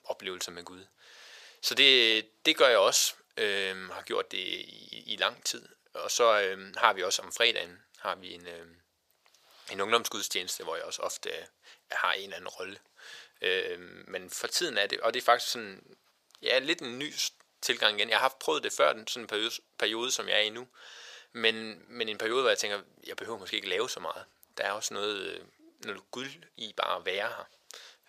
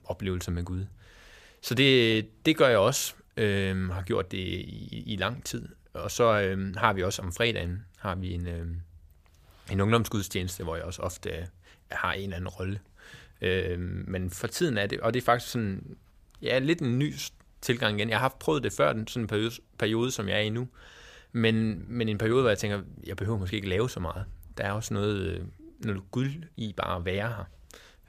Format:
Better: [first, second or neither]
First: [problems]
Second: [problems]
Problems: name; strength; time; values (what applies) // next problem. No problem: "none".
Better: second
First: thin; very; fading below 600 Hz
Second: none